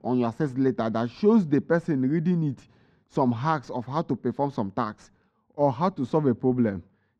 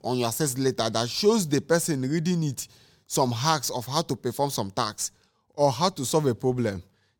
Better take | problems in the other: second | muffled; very; fading above 1.5 kHz

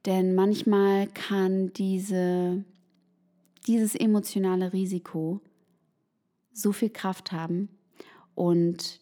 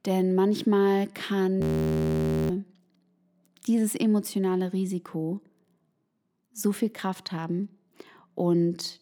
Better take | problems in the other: first | audio freezing; at 1.5 s for 1 s

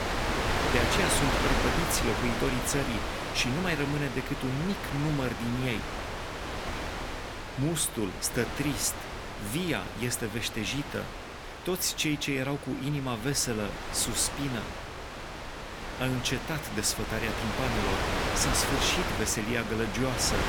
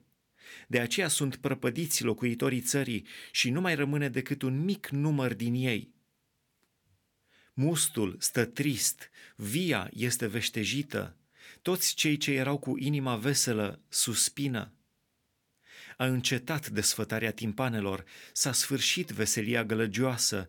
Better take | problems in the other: second | wind noise on the microphone; heavy; 1 dB below the speech

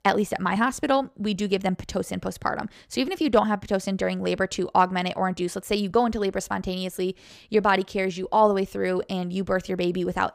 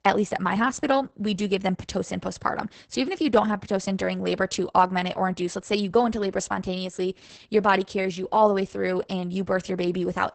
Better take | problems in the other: first | garbled, watery; badly; nothing above 8 kHz

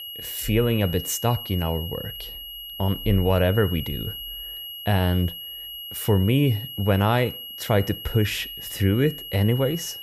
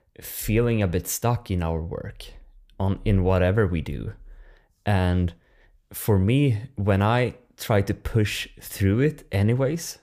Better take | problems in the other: second | high-pitched whine; loud; throughout; 3 kHz, 10 dB below the speech

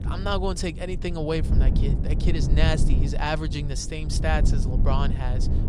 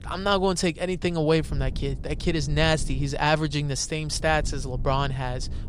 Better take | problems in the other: second | low rumble; loud; throughout; 8 dB below the speech; faint in the second

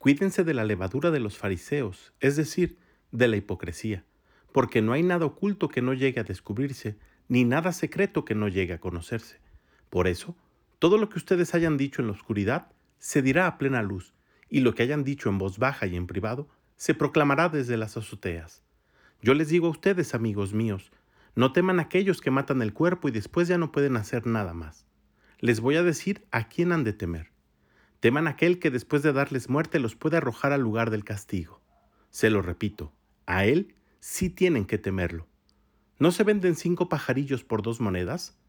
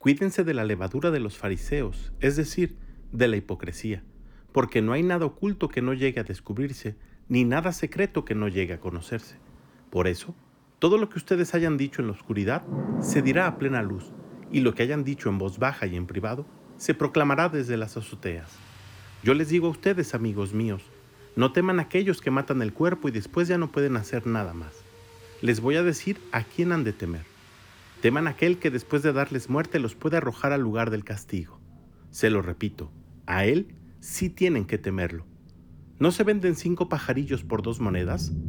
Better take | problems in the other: first | rain or running water; noticeable; throughout; 15 dB below the speech

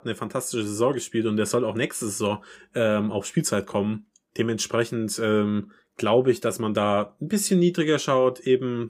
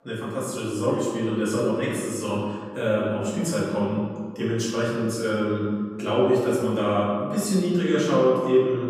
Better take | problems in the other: first | room echo; noticeable; dies away in 1.8 s // off-mic speech; far

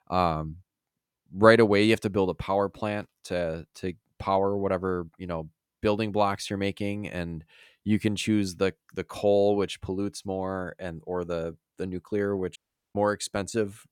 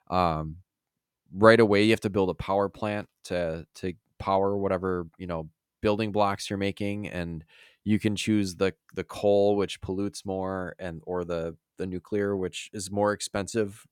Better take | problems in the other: second | audio cutting out; at 13 s

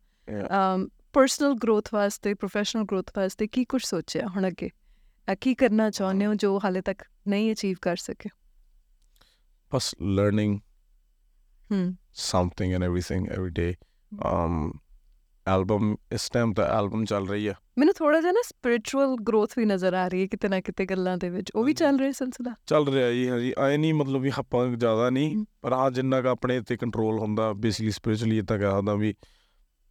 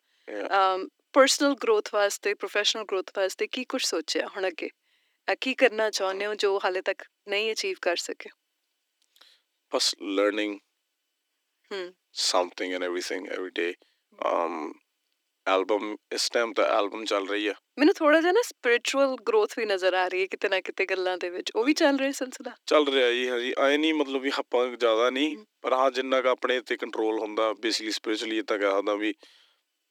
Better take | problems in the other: first | thin; somewhat; fading below 300 Hz

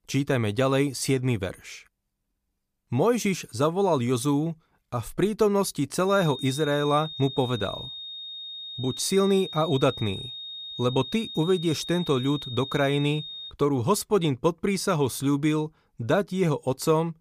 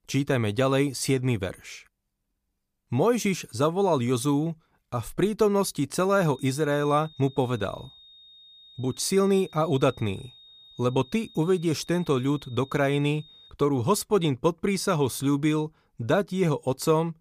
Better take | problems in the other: second | high-pitched whine; loud; from 6 to 14 s; 3.5 kHz, 10 dB below the speech; faint in the second

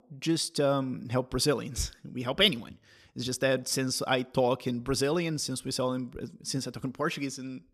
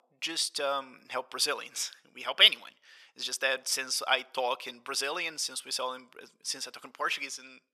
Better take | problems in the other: first | thin; very; fading below 850 Hz

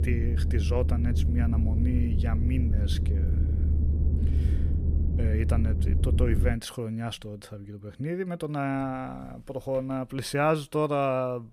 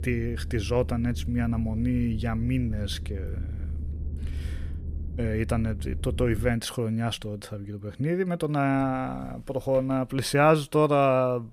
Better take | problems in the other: second | low rumble; loud; until 6.5 s; 9 dB below the speech; faint in the second

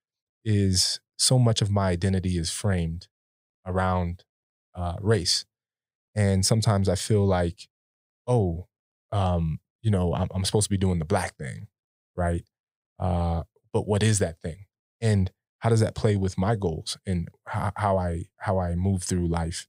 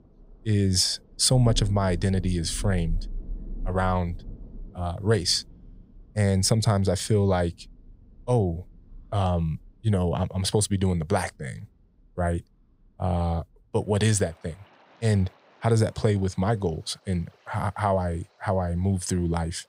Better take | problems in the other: first | rain or running water; noticeable; throughout; 15 dB below the speech

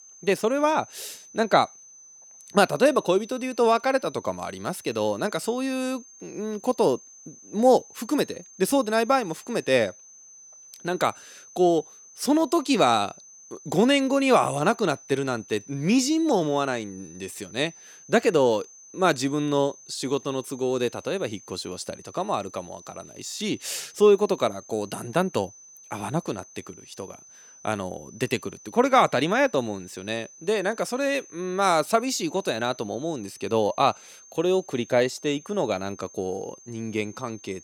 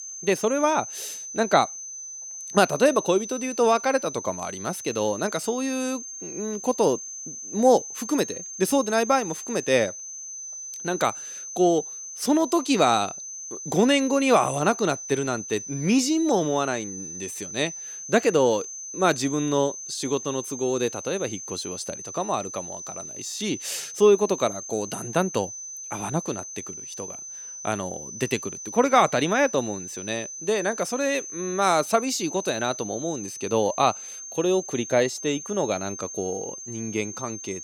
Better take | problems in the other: first | high-pitched whine; loud; throughout; 6 kHz, 10 dB below the speech; faint in the first

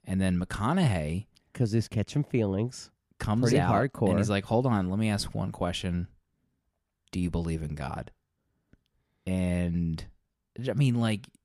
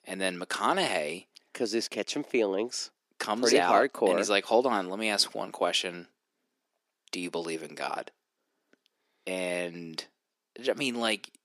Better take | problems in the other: first | thin; very; fading below 300 Hz

